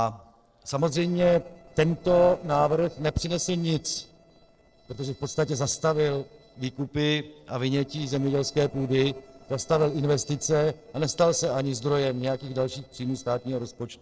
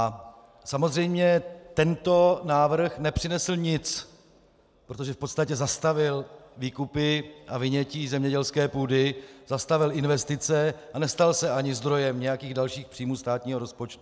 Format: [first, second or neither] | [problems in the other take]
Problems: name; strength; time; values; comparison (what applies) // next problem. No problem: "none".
second | noise reduction (neural separator model SepFormer DNS4)